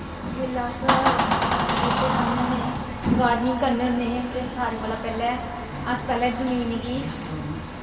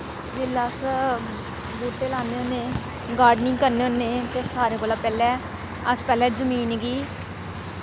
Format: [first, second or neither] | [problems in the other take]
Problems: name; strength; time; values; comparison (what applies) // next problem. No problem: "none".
second | background sound (Door); 1 dB below the speech // room echo; dies away in 2.4 s